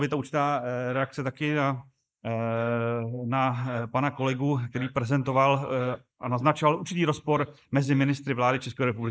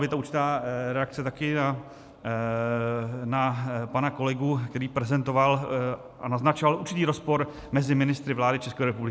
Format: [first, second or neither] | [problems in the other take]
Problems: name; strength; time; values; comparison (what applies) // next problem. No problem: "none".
second | noise reduction (neural mask model Resemble Enhance denoiser)